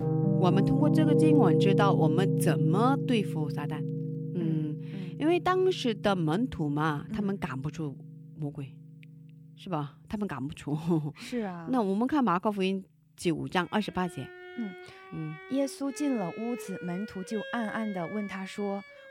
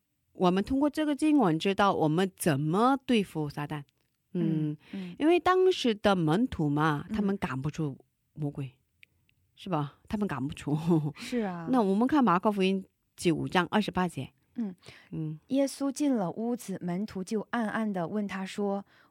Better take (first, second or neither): second